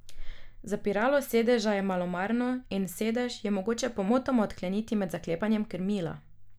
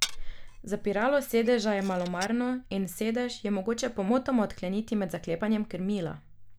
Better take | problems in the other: first | background sound (Glass); 12 dB below the speech

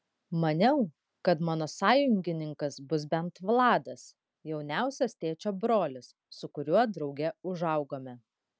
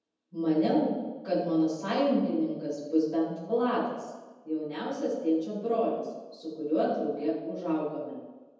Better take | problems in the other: first | room echo; dies away in 1.1 s

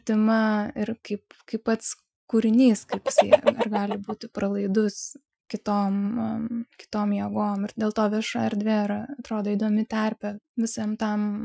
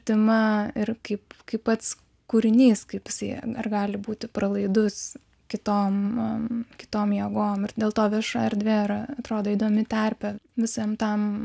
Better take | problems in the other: second | noise reduction (classical method Wiener filter)

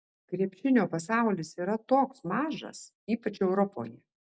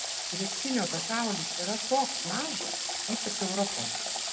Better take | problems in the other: first | background sound (Water tap, faucet / Water); 1 dB above the speech // room echo; dies away in 1 s

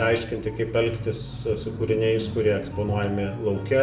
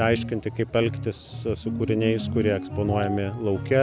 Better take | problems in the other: second | background sound (Bus / Vehicle horn, car horn, honking); 15 dB below the speech // room echo; dies away in 0.5 s

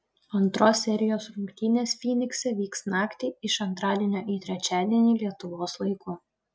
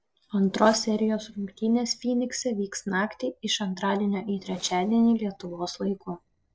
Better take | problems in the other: first | noise reduction (neural separator model SepFormer DNS4)

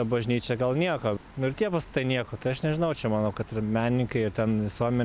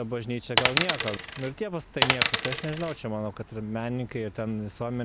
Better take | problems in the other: first | background sound (Coin (dropping)); 4 dB above the speech

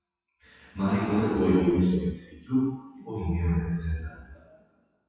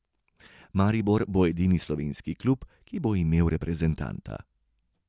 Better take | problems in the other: second | noise reduction (classical method WPE with log-MMSE)

